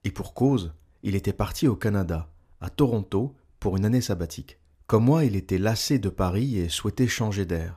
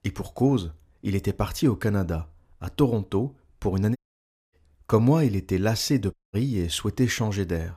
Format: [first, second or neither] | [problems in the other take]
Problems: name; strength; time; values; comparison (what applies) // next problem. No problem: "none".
first | audio cutting out; at 4 s for 0.5 s and at 6 s